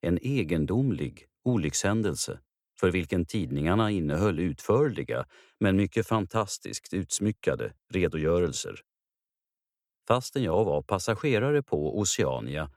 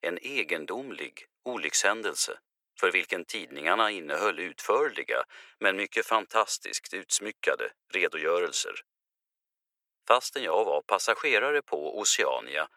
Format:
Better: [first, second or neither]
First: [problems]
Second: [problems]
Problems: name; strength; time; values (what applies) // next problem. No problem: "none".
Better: first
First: none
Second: thin; very; fading below 500 Hz